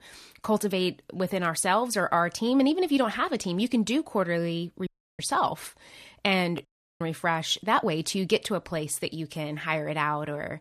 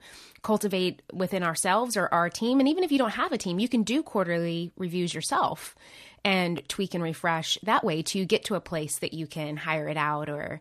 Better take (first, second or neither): second